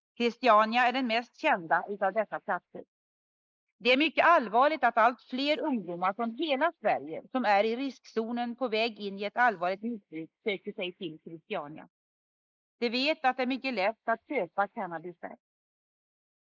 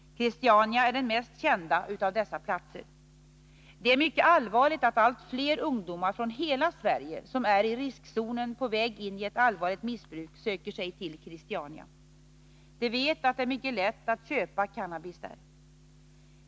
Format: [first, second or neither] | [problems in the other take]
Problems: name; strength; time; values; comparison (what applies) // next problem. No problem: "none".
second | noise reduction (neural mask model Resemble Enhance denoiser)